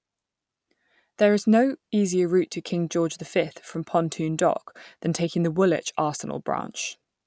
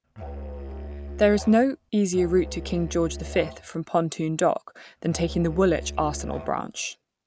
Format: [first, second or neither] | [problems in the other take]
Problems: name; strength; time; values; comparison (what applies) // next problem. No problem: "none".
first | background sound (Musical instrument); 11 dB below the speech